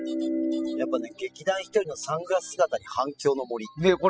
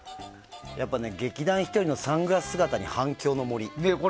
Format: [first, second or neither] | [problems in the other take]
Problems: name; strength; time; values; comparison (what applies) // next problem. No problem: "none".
second | noise reduction (classical method spectral subtraction)